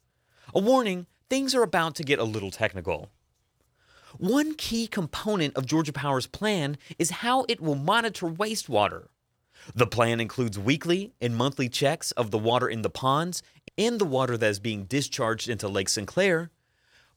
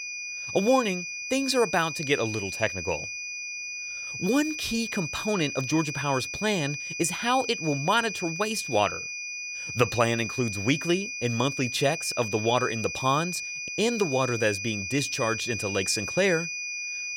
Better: first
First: none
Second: high-pitched whine; loud; throughout; 2.5 kHz, 5 dB below the speech

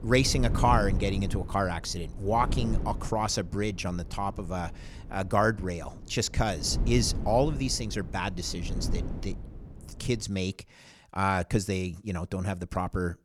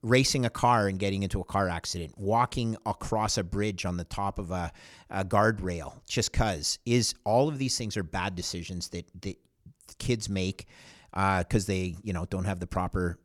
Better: second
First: wind noise on the microphone; occasional gusts; until 10 s; 15 dB below the speech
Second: none

